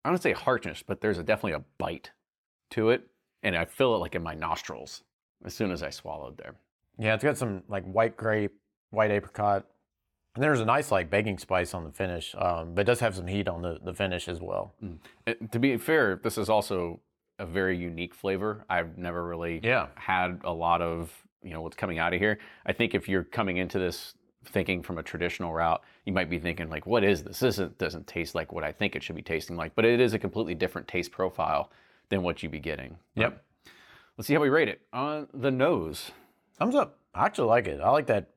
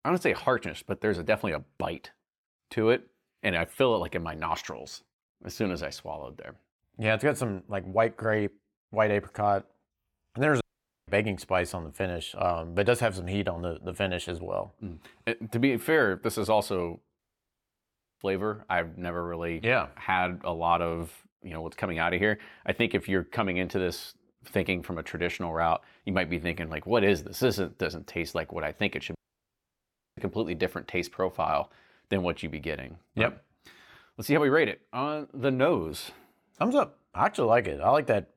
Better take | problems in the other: first | audio cutting out; at 11 s, at 17 s for 1 s and at 29 s for 1 s

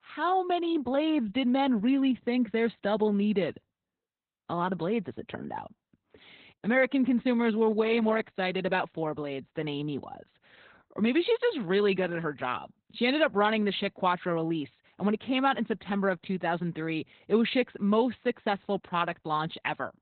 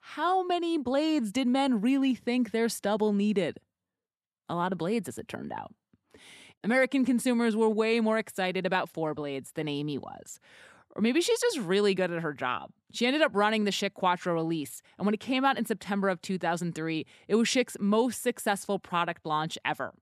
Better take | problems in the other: second | garbled, watery; badly; nothing above 4 kHz

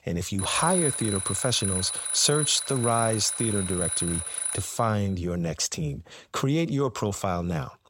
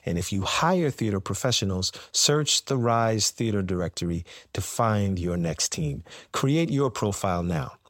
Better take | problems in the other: second | alarm; loud; until 4.5 s; peak 2 dB above the speech

